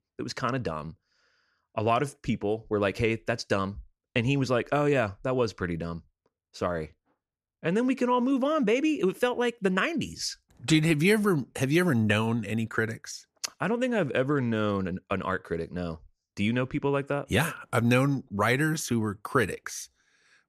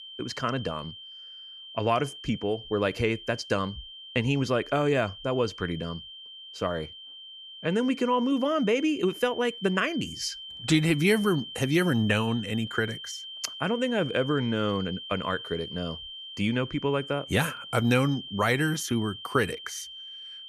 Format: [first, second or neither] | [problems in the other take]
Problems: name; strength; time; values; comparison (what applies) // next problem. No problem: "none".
first | high-pitched whine; noticeable; throughout; 3 kHz, 10 dB below the speech